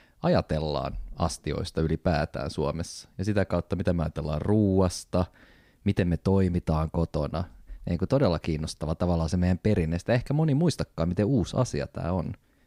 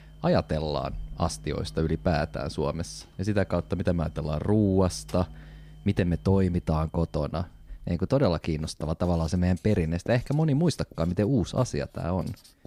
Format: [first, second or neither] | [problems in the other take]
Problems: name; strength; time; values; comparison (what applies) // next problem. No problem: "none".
first | household noises; faint; throughout; 20 dB below the speech